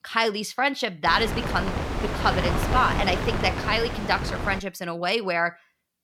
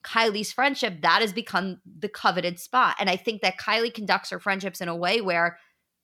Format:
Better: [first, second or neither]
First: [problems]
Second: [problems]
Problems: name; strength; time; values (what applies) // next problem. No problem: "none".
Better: second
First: wind noise on the microphone; heavy; from 1 to 4.5 s; 6 dB below the speech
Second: none